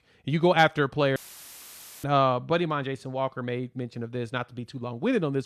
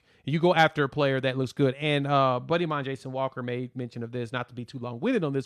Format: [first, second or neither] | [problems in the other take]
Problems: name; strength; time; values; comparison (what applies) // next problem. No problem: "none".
second | audio cutting out; filled with static; at 1 s for 1 s